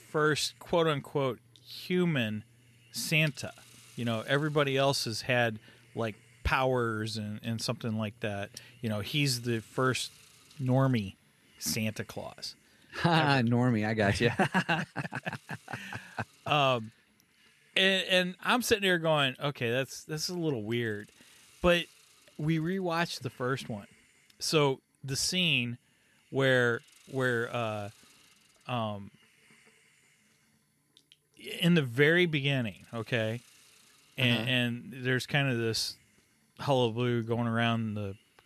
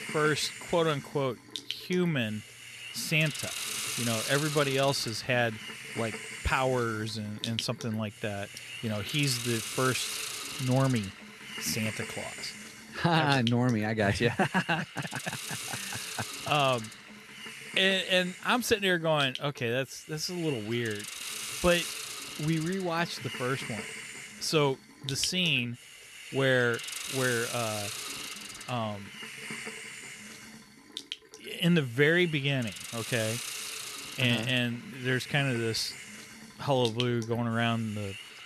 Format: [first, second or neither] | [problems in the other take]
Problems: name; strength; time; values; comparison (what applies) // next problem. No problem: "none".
first | hiss; loud; throughout; 9 dB below the speech; faint in the first